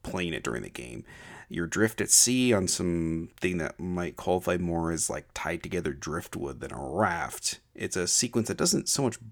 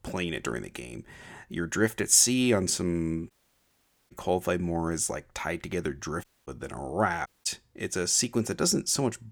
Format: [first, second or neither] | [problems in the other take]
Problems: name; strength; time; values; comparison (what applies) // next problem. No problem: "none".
first | audio cutting out; at 3.5 s for 1 s, at 6 s and at 7.5 s